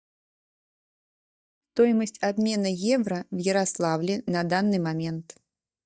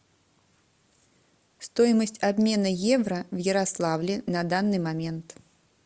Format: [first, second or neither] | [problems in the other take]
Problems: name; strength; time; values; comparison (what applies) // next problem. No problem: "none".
second | noise reduction (neural mask model DeepFilterNet 3)